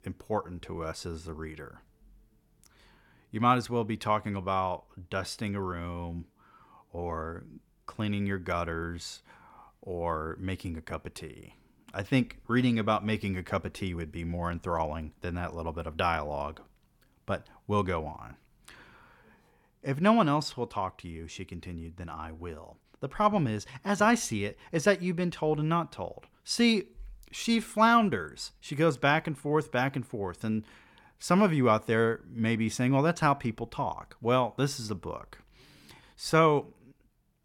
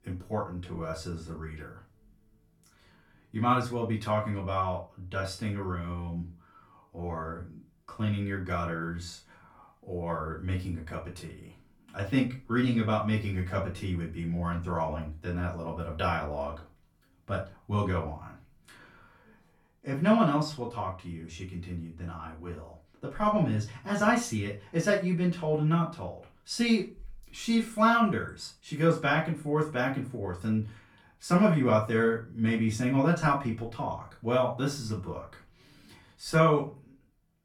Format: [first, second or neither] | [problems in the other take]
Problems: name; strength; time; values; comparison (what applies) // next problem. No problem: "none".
first | off-mic speech; far // room echo; slight; dies away in 0.3 s